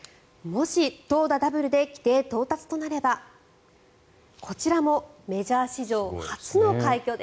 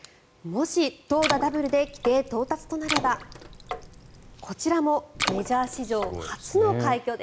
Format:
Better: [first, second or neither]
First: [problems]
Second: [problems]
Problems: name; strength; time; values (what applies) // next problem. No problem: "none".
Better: first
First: none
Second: background sound (Water / Splash, splatter); 8 dB below the speech